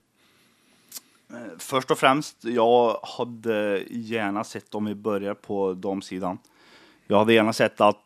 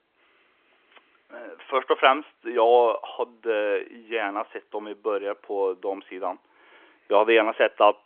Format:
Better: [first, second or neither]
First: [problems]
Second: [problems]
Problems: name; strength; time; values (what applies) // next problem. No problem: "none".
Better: first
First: none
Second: phone-call audio; nothing above 3.5 kHz